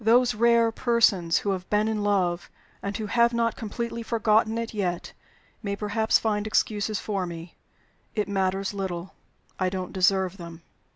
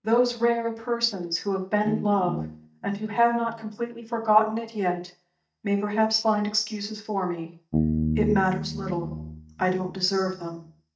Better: first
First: none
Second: noise reduction (neural mask model DeepFilterNet 3)

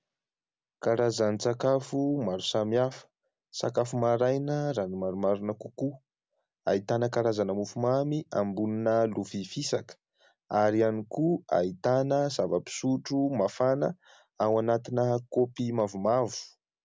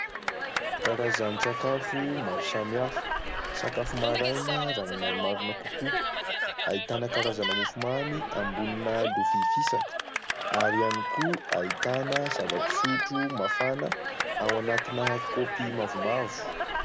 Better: first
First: none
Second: background sound (Cheering); 1 dB above the speech

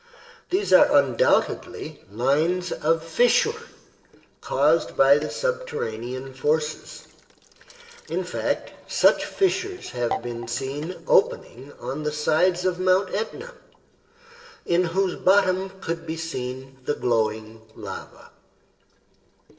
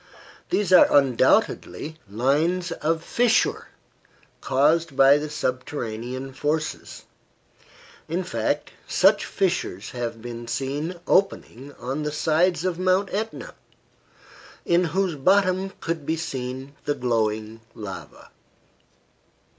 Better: second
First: noise reduction (neural separator model SepFormer DNS4)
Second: none

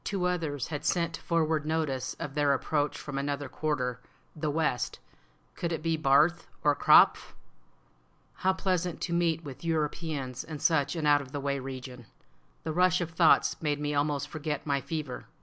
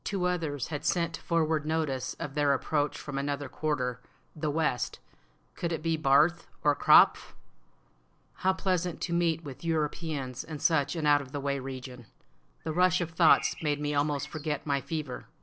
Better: first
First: none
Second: noise reduction (neural separator model SepFormer DNS4)

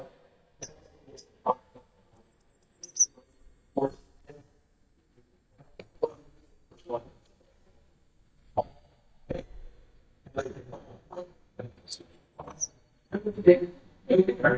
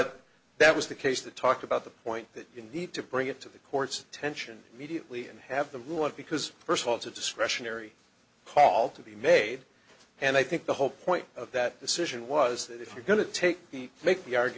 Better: second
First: noise reduction (neural mask model DeepFilterNet 3)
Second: none

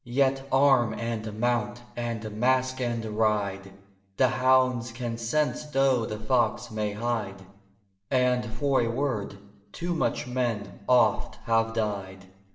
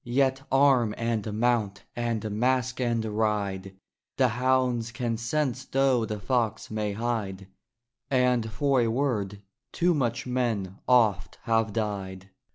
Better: second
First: room echo; dies away in 0.8 s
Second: none

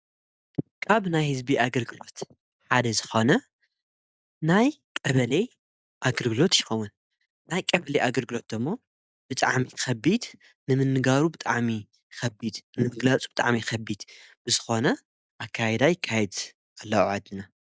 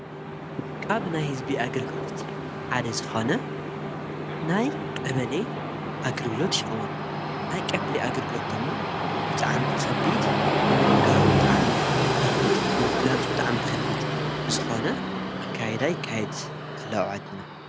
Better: first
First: none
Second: background sound (Train); 4 dB above the speech

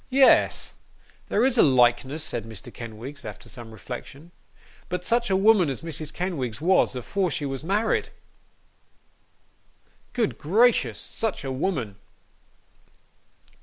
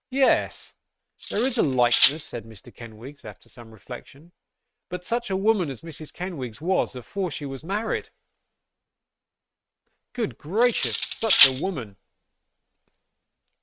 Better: first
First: none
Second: noise reduction (neural mask model RNNoise)

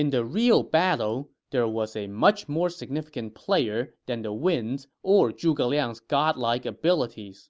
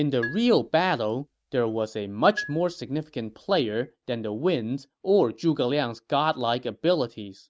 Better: first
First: none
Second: noise reduction (neural mask model RNNoise)

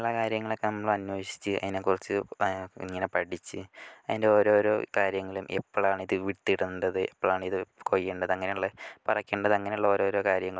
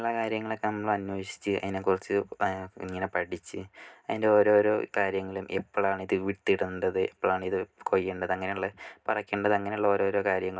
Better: first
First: none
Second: room echo; dies away in 0.3 s

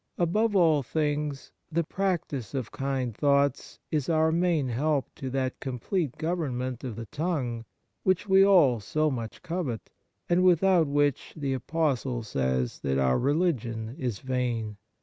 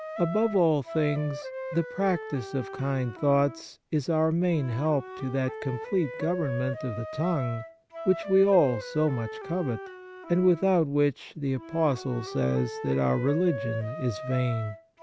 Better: first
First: none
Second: background sound (Wind instrument, woodwind instrument); 11 dB below the speech

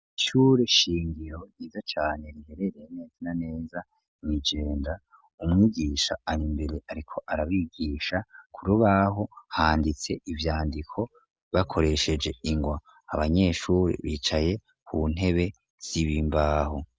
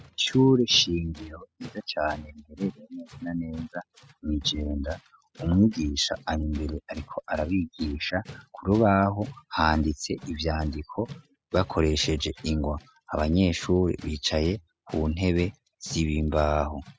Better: first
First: none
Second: noise reduction (classical method spectral subtraction)

